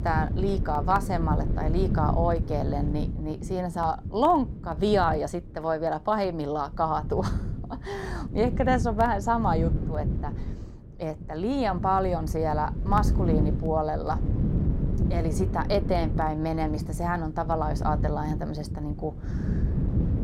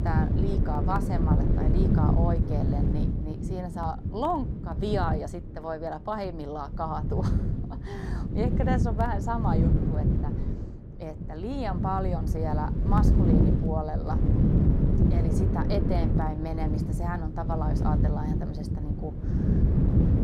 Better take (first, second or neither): first